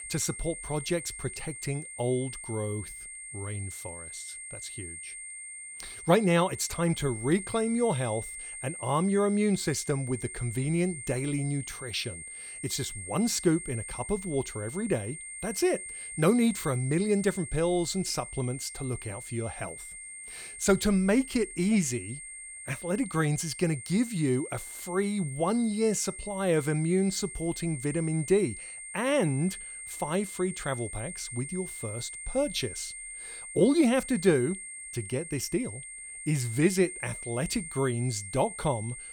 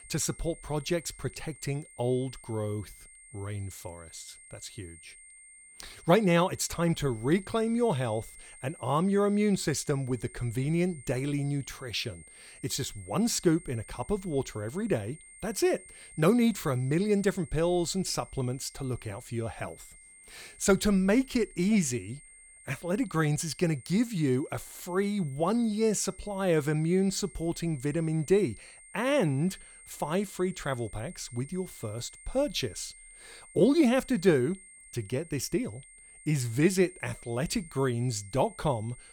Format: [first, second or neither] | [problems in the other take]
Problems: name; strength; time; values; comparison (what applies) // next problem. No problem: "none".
second | high-pitched whine; loud; throughout; 8.5 kHz, 10 dB below the speech; faint in the second